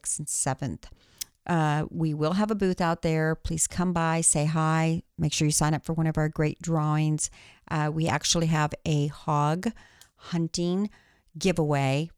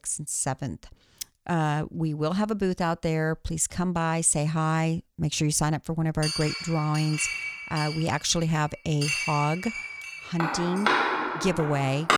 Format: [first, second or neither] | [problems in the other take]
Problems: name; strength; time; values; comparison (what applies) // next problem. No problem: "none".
first | clattering dishes; loud; from 6 s on; peak 4 dB above the speech